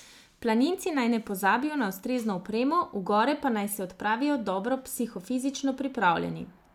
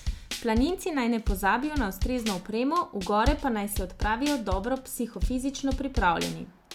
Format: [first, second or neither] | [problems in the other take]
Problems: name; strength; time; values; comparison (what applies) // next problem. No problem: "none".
first | background sound (Drum / Drum kit); 5 dB below the speech